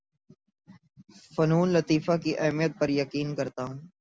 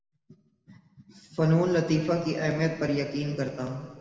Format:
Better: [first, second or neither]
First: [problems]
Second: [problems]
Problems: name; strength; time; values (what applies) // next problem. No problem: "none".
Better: first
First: none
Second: room echo; dies away in 2.2 s